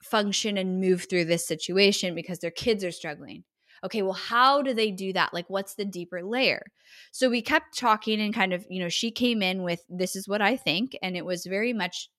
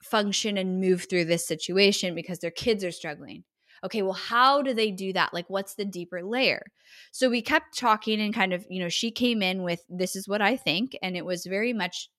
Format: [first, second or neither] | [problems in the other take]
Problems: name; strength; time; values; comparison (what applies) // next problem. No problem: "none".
neither | none